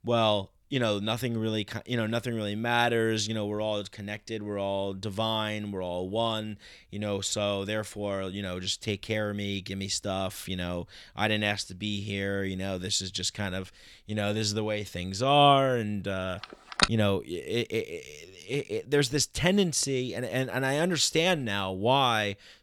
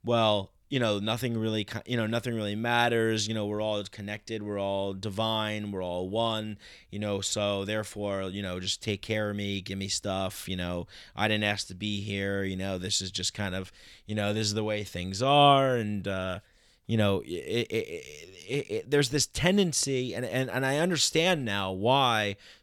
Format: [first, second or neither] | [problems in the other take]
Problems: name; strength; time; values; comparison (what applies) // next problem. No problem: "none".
second | phone ringing; loud; at 17 s; peak 2 dB above the speech